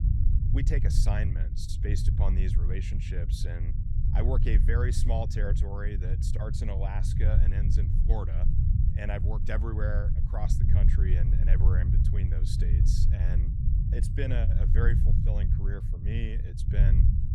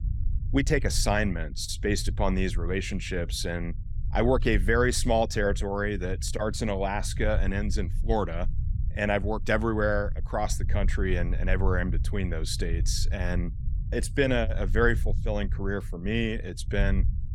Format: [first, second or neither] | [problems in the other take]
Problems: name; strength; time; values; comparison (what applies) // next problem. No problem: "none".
second | low rumble; loud; throughout; 3 dB below the speech; faint in the second